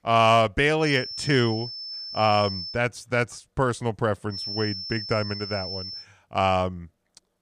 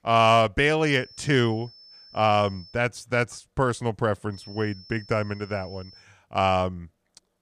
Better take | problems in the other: second | high-pitched whine; loud; from 1 to 2.5 s and from 4.5 to 6 s; 5.5 kHz, 8 dB below the speech; faint in the second

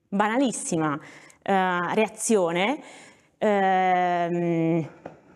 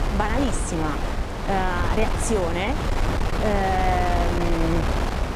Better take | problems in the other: first | wind noise on the microphone; heavy; 3 dB below the speech

